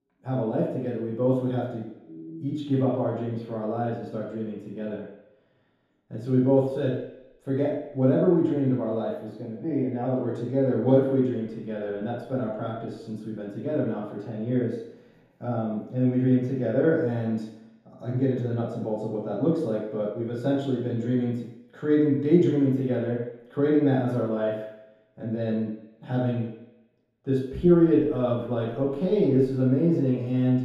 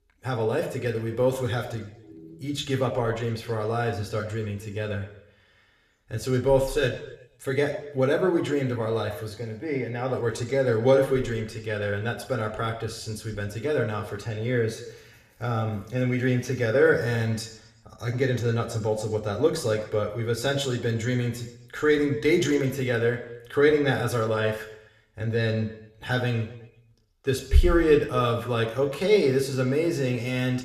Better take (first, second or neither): second